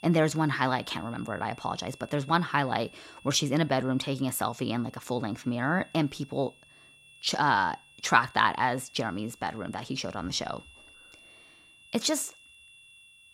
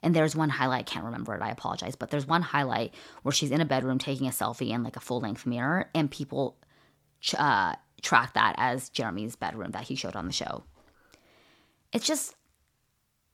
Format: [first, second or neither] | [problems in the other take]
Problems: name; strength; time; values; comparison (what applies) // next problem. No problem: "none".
second | high-pitched whine; faint; throughout; 2.5 kHz, 25 dB below the speech